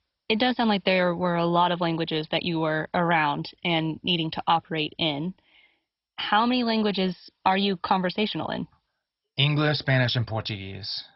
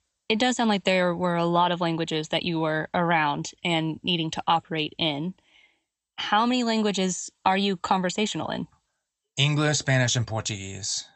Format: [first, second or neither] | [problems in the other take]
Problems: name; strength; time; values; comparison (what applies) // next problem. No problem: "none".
second | garbled, watery; badly; nothing above 5.5 kHz; slightly in the second